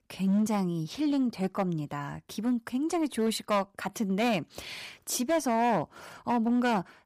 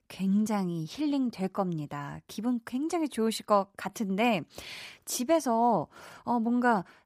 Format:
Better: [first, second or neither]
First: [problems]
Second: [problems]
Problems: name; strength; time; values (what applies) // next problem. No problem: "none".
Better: second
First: distortion; slight; 7% of the sound clipped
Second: none